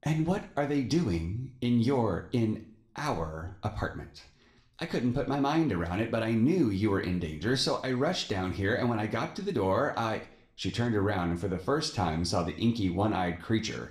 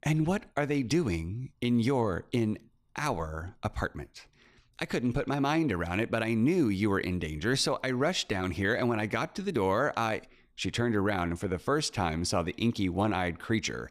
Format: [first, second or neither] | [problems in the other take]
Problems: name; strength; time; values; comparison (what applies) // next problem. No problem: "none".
second | room echo; very slight; dies away in 0.4 s